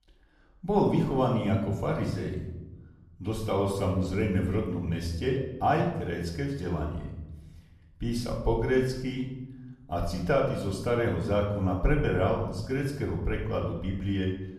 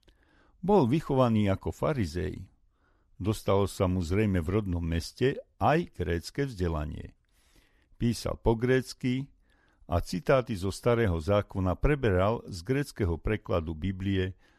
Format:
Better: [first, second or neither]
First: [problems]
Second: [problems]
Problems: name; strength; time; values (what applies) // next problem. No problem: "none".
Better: second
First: off-mic speech; far // room echo; noticeable; dies away in 0.8 s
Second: none